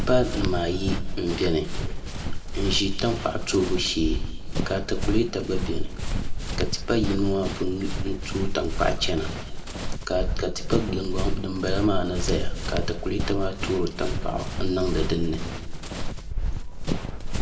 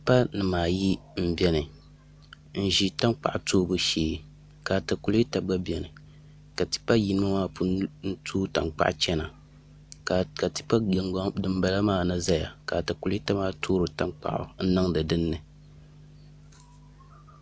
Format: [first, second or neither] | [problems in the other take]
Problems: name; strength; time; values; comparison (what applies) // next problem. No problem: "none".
second | background sound (Run); 1 dB above the speech // room echo; dies away in 1.6 s